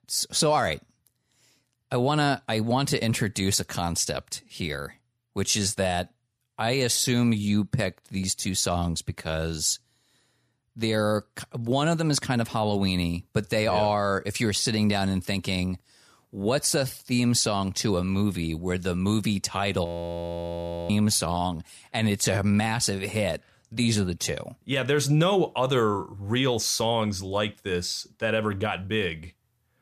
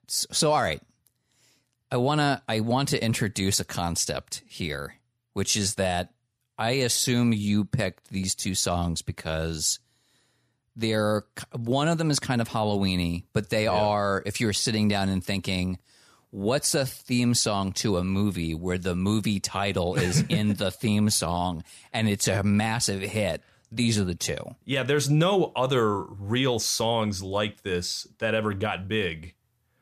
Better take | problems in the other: second | audio freezing; at 20 s for 1 s

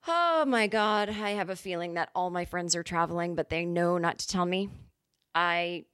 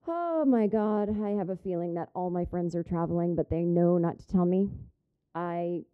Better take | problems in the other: first | muffled; very; fading above 1 kHz

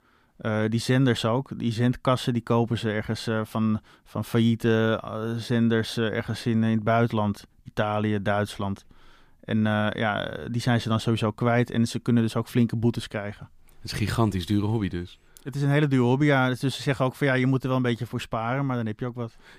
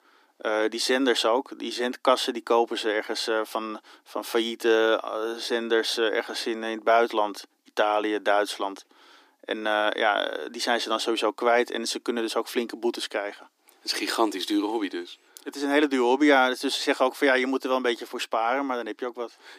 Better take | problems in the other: first | thin; somewhat; fading below 300 Hz

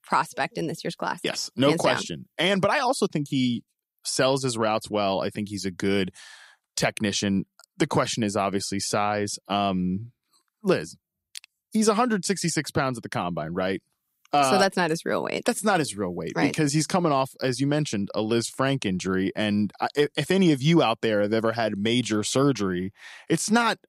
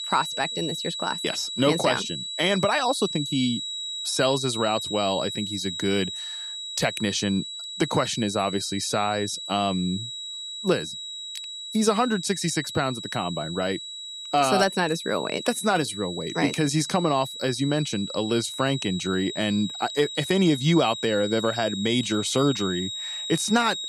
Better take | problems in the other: first | high-pitched whine; loud; throughout; 4 kHz, 6 dB below the speech

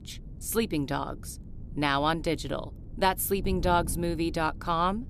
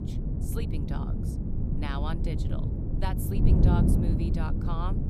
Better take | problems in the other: first | wind noise on the microphone; heavy; as loud as the speech; occasional gusts in the first

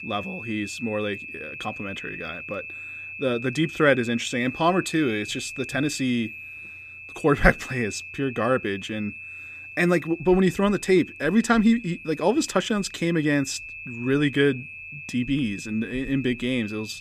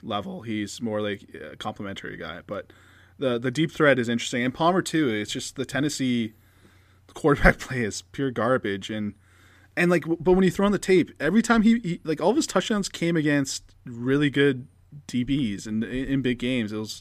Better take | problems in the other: second | high-pitched whine; noticeable; throughout; 2.5 kHz, 10 dB below the speech

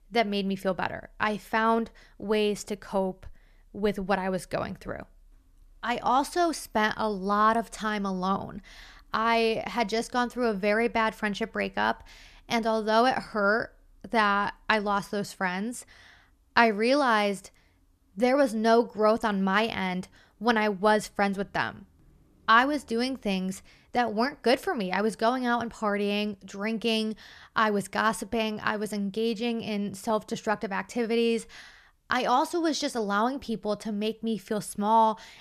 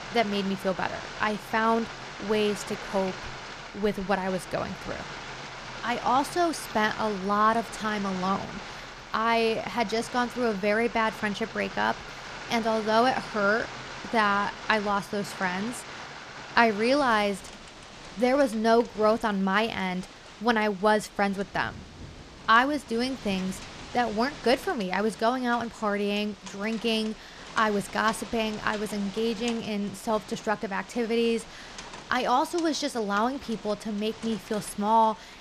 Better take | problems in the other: first | rain or running water; noticeable; throughout; 15 dB below the speech

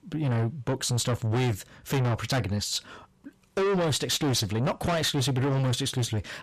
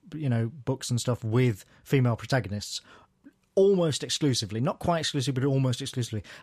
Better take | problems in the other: second | distortion; heavy; 6 dB below the speech

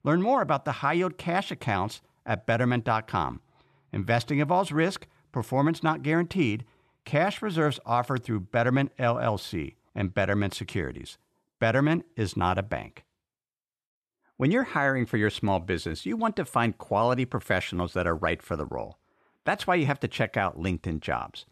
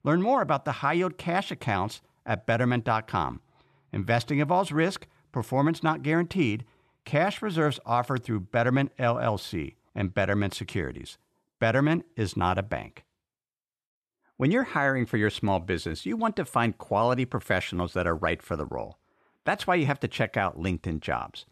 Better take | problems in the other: neither | none

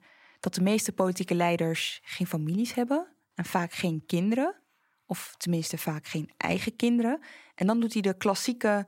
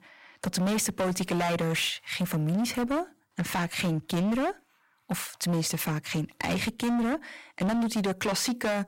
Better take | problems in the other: first | distortion; heavy; 21% of the sound clipped

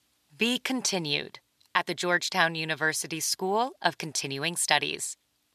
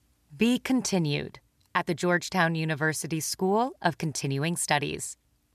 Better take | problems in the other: second | thin; somewhat; fading below 500 Hz

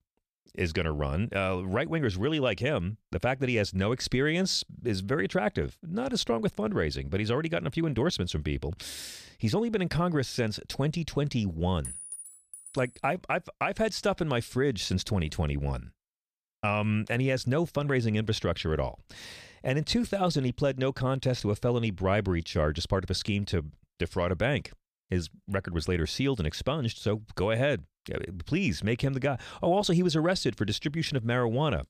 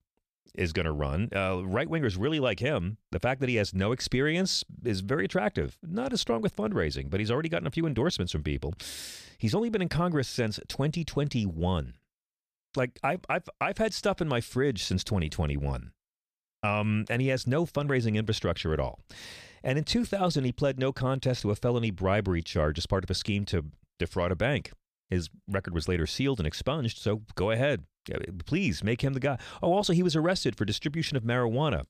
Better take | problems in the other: second | clattering dishes; noticeable; from 12 to 13 s; peak 8 dB below the speech

